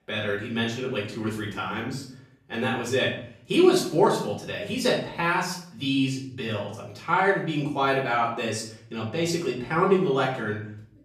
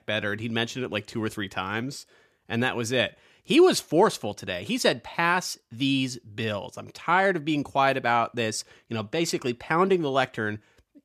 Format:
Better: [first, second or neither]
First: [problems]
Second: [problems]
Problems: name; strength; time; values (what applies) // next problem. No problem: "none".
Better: second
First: off-mic speech; far // room echo; noticeable; dies away in 0.6 s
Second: none